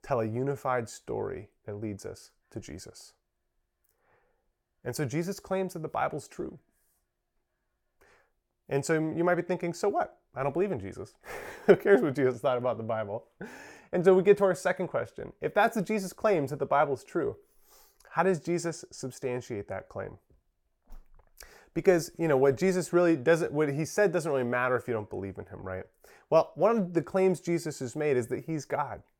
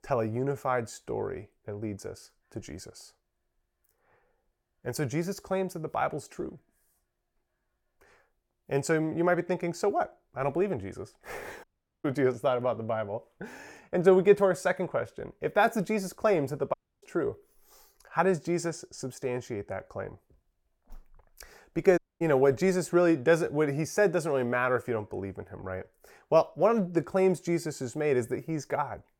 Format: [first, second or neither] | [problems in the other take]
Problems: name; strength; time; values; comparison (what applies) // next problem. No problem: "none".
first | audio cutting out; at 12 s, at 17 s and at 22 s